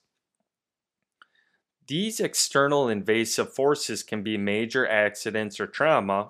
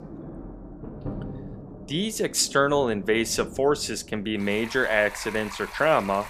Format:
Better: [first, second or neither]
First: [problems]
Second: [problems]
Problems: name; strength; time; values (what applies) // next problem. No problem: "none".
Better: first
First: none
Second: rain or running water; noticeable; throughout; 15 dB below the speech